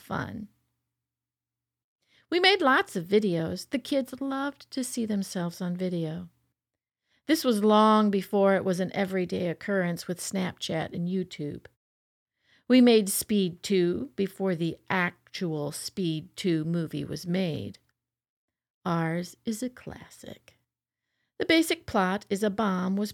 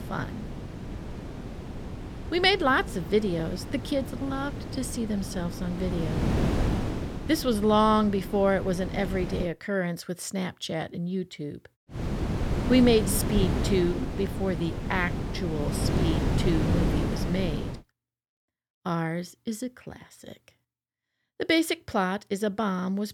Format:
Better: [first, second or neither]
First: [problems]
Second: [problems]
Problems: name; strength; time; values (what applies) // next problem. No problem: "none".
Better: first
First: none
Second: wind noise on the microphone; heavy; until 9.5 s and from 12 to 18 s; 8 dB below the speech